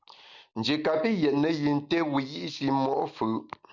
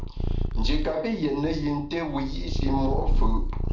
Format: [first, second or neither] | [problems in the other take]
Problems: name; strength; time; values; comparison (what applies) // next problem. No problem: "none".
first | background sound (Purr); 3 dB above the speech // room echo; dies away in 0.4 s